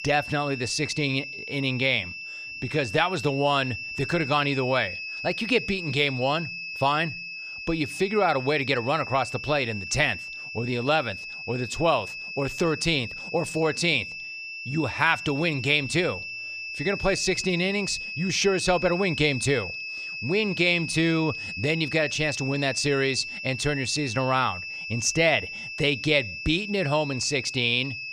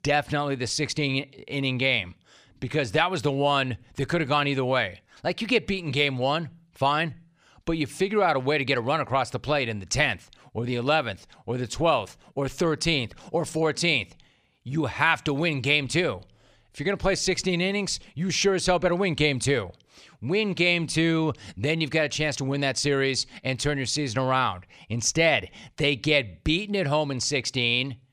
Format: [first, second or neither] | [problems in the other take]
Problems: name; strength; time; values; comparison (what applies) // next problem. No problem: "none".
second | high-pitched whine; loud; throughout; 2.5 kHz, 8 dB below the speech